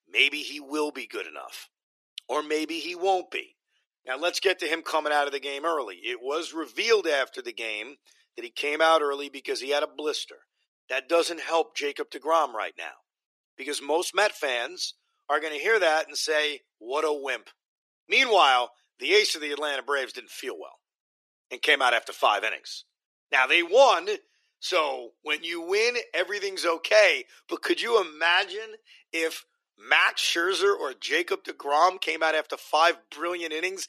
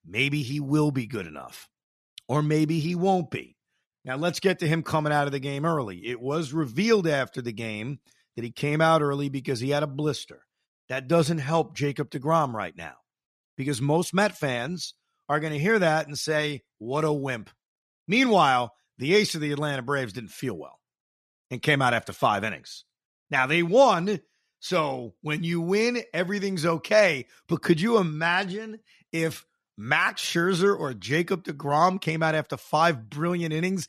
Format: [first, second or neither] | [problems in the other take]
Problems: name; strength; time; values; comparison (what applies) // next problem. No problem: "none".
second | thin; very; fading below 350 Hz